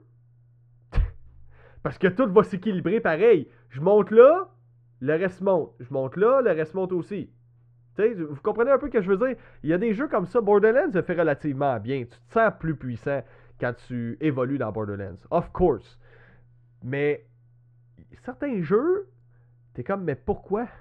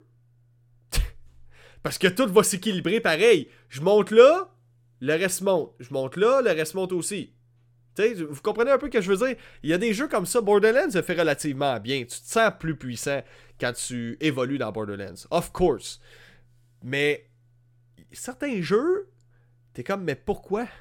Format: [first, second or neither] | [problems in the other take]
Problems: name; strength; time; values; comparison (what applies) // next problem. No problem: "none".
second | muffled; very; fading above 1.5 kHz